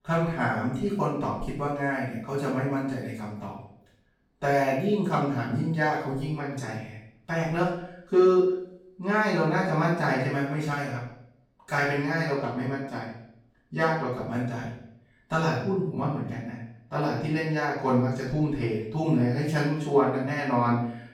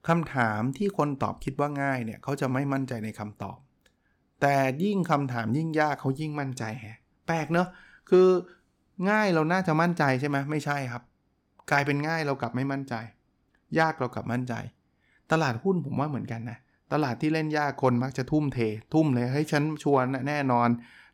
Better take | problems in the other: second | off-mic speech; far // room echo; noticeable; dies away in 0.6 s

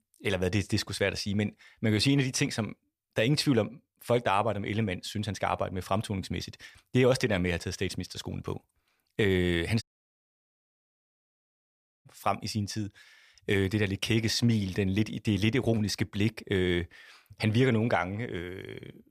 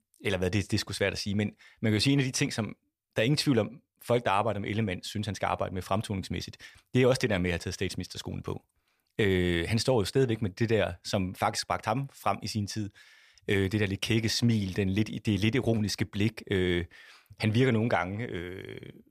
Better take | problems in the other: second | audio cutting out; at 10 s for 2 s

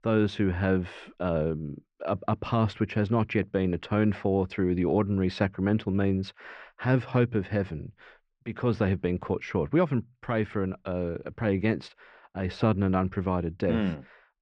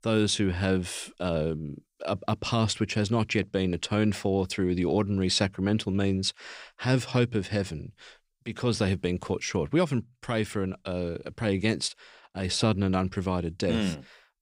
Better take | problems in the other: second | muffled; very; fading above 1.5 kHz

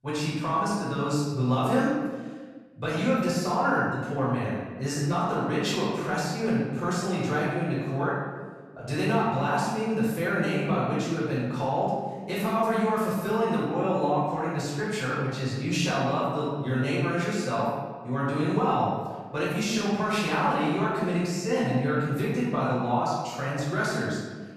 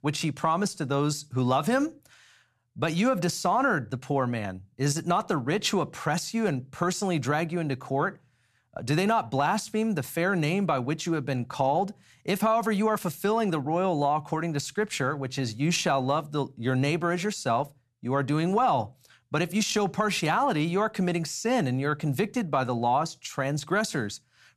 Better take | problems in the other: second | room echo; strong; dies away in 1.3 s // off-mic speech; far

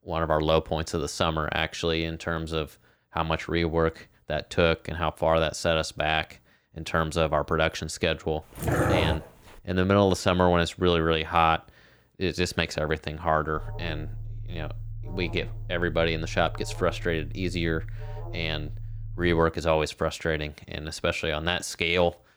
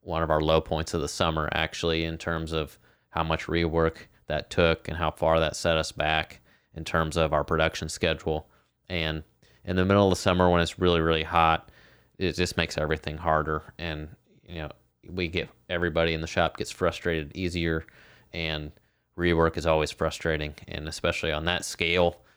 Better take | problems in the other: second | dog barking; loud; at 8.5 s; peak 3 dB above the speech // alarm; faint; from 14 to 19 s; peak 10 dB below the speech

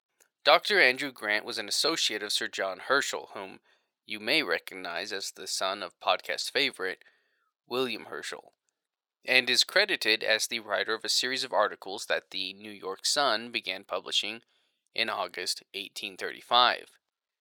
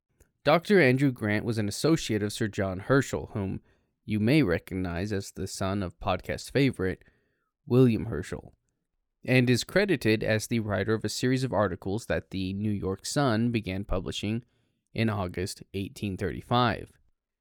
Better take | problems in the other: second | thin; very; fading below 750 Hz

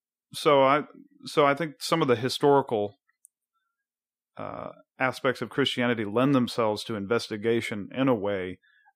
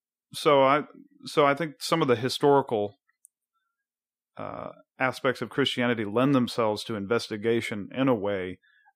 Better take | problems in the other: neither | none

